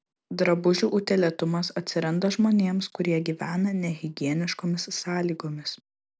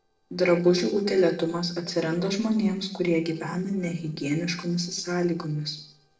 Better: first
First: none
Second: noise reduction (neural separator model SepFormer DNS4)

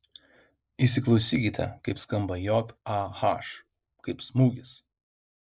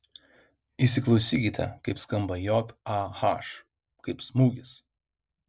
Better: second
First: noise reduction (neural mask model Resemble Enhance denoiser)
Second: none

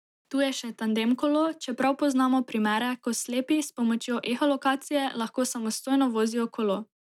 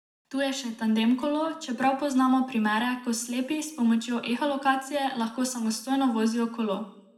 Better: first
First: none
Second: room echo; dies away in 0.6 s

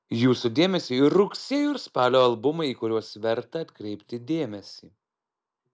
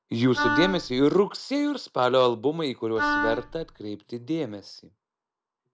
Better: first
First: none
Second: background sound (Wind instrument, woodwind instrument); 2 dB below the speech

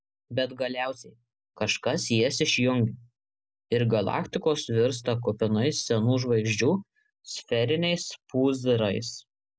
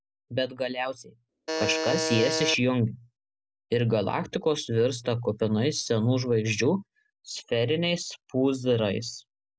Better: first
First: none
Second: background sound (Alarm); 3 dB below the speech

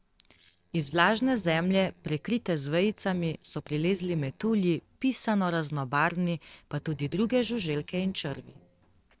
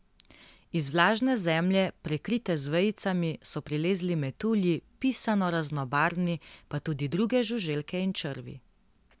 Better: second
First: noise reduction (neural separator model SepFormer DNS4)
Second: none

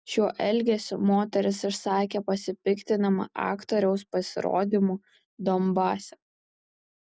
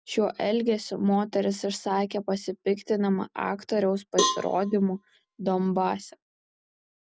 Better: first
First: none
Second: background sound (Cowbell); 5 dB below the speech

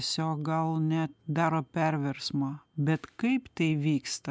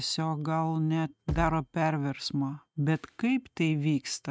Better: first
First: none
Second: noise reduction (neural mask model RNNoise)

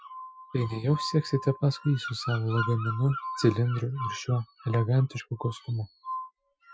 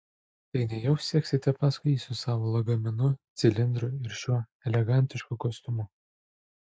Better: second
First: noise reduction (classical method Wiener filter)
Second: none

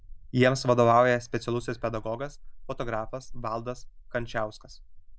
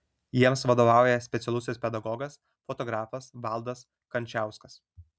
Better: second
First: noise reduction (neural mask model Resemble Enhance denoiser)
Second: none

